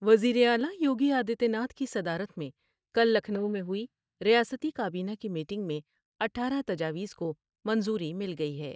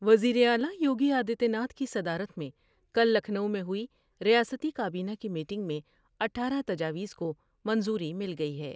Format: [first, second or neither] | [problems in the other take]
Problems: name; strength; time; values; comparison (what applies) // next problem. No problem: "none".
second | noise reduction (neural mask model DeepFilterNet 3)